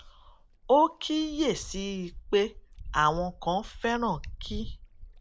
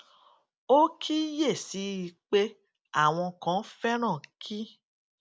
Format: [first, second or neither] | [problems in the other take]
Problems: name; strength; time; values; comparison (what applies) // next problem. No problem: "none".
second | background sound (Wind); 13 dB below the speech